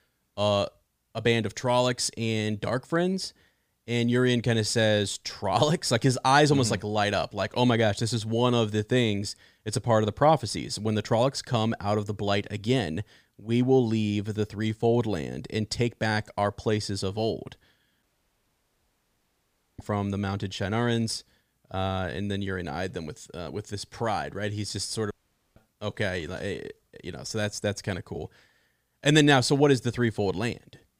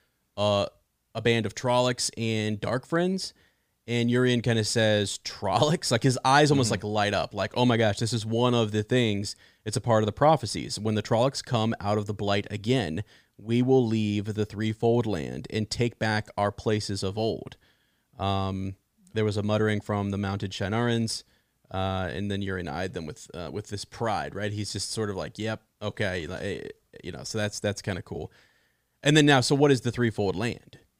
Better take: second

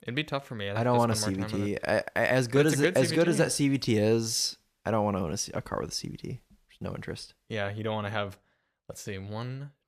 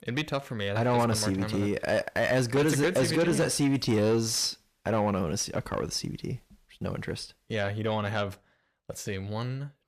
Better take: first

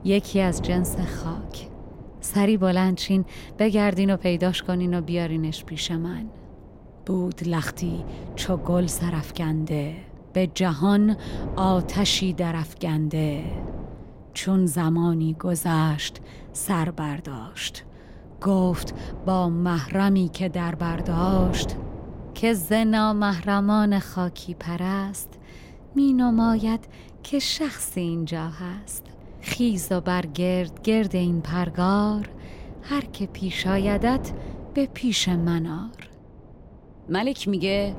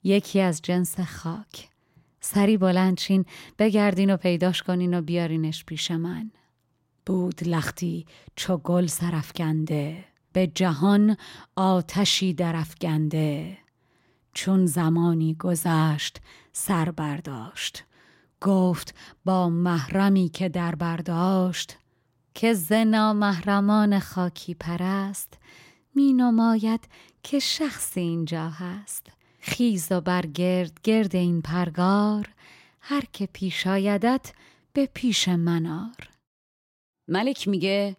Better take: second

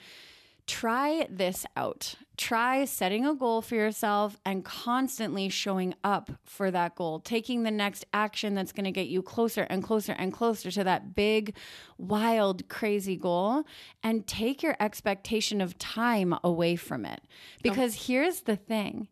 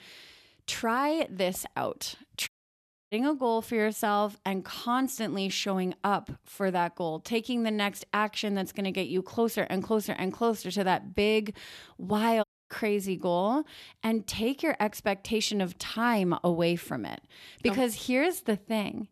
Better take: first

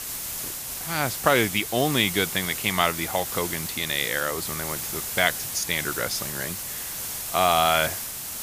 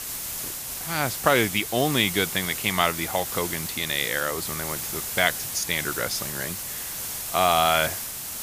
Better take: neither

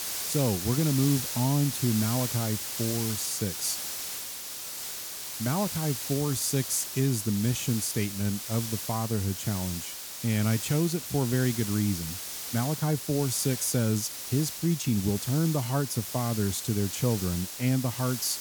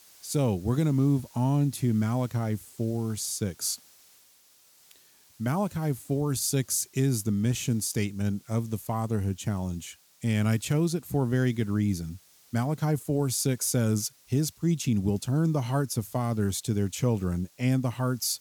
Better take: second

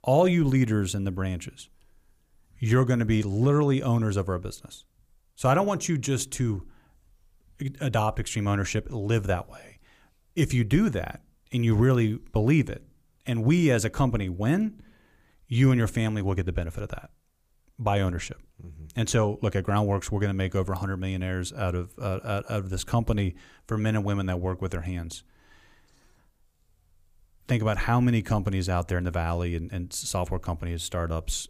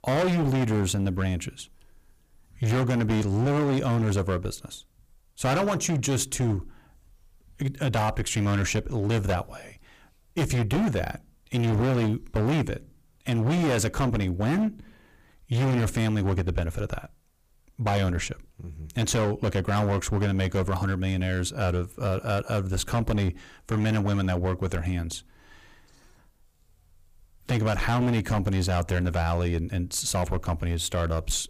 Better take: first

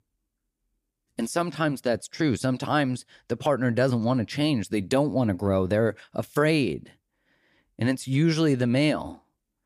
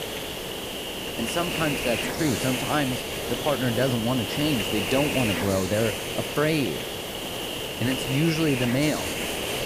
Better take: first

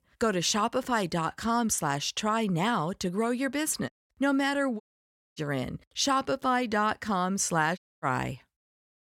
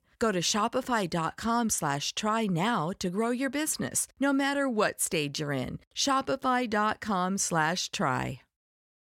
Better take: second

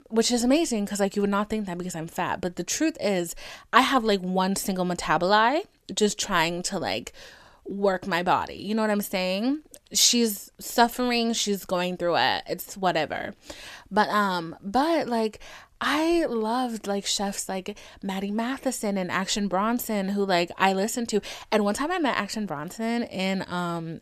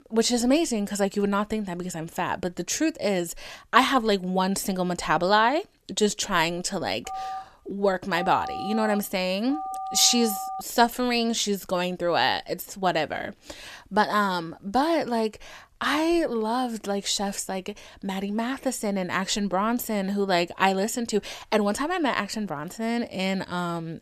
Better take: first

